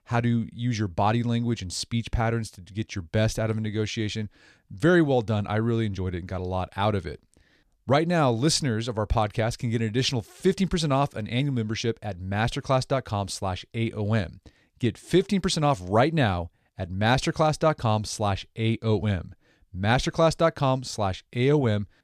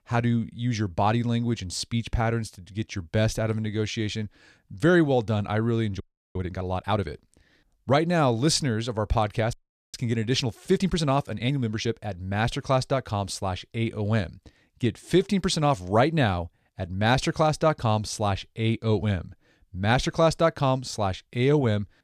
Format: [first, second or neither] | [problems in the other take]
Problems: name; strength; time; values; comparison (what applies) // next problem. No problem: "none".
first | audio freezing; at 6 s and at 9.5 s